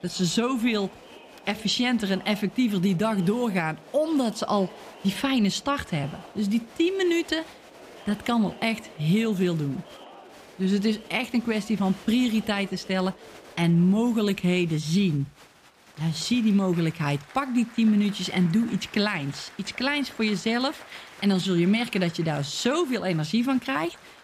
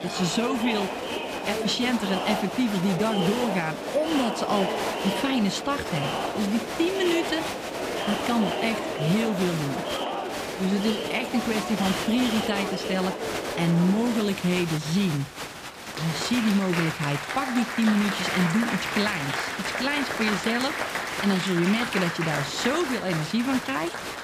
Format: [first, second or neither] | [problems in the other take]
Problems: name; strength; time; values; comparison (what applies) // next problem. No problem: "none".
first | crowd noise; loud; throughout; 3 dB below the speech; faint in the first